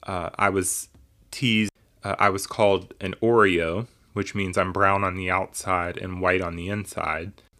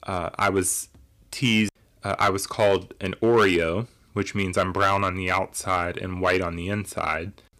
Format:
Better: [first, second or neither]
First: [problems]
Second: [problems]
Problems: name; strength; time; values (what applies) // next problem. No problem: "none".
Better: first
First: none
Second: distortion; slight; 1.9% of the sound clipped